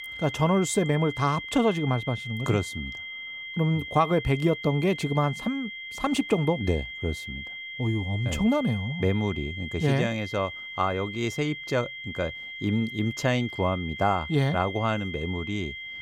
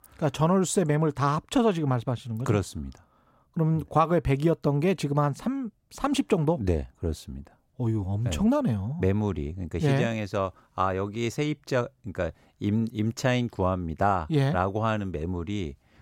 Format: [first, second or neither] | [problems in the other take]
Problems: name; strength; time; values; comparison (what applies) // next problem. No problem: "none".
second | high-pitched whine; loud; throughout; 2 kHz, 9 dB below the speech